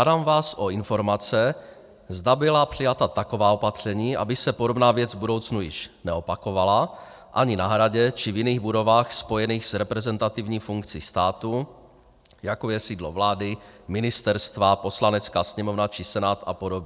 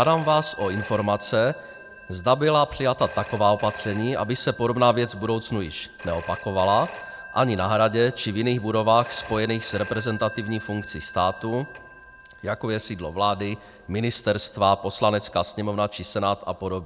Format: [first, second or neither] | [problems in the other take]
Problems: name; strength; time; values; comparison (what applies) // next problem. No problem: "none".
first | background sound (Telephone); 17 dB below the speech